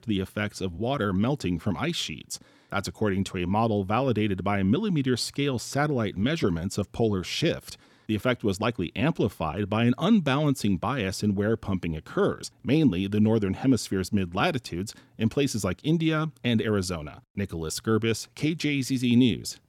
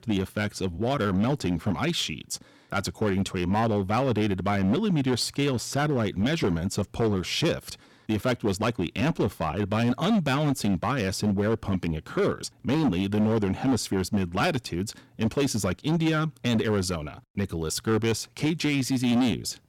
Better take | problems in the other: first | distortion; slight; 10% of the sound clipped

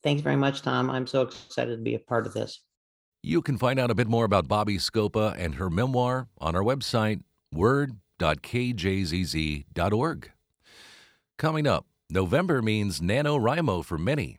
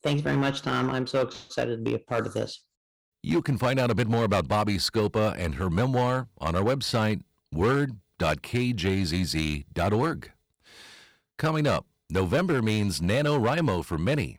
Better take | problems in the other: first | distortion; slight; 7% of the sound clipped

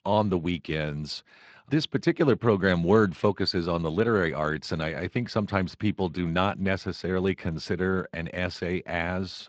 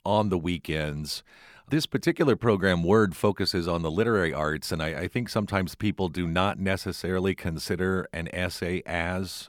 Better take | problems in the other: second | garbled, watery; slightly; nothing above 7.5 kHz

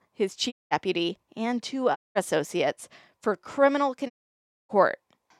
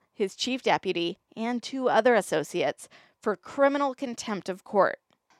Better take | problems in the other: second | audio cutting out; at 0.5 s, at 2 s and at 4 s for 0.5 s

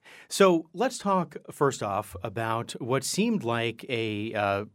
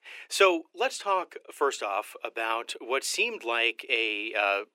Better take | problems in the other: first | thin; very; fading below 350 Hz

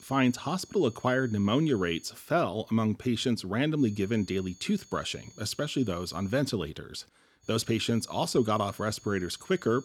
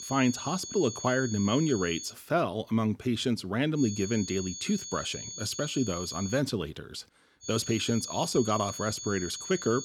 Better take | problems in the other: first | high-pitched whine; loud; until 2 s, from 4 to 6.5 s and from 7.5 s on; 6.5 kHz, 8 dB below the speech; faint in the first

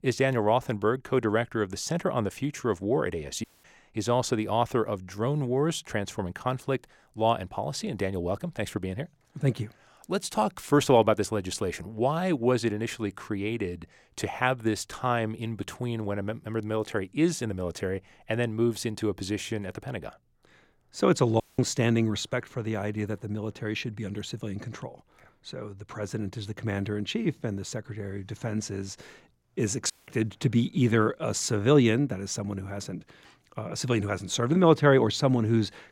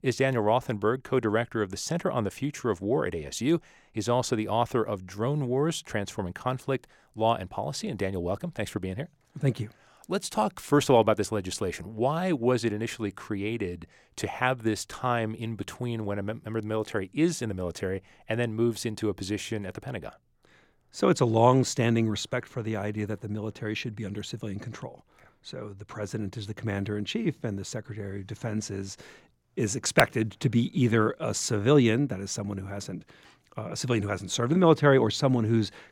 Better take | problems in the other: second | audio cutting out; at 3.5 s, at 21 s and at 30 s

